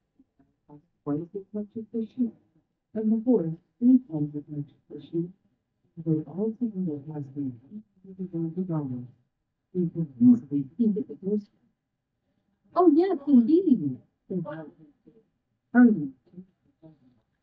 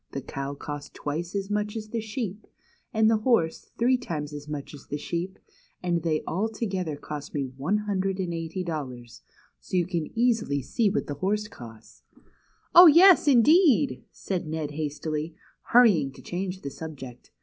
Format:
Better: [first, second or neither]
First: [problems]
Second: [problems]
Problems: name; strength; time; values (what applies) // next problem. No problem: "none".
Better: second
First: noise reduction (neural mask model DeepFilterNet 3)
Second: none